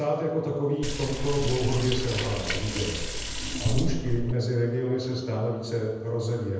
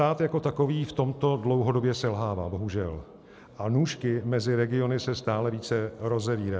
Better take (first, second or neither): second